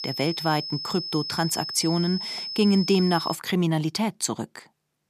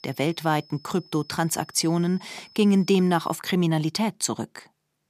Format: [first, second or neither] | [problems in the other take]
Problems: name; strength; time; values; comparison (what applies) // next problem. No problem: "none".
second | high-pitched whine; loud; until 3.5 s; 5 kHz, 6 dB below the speech; faint in the second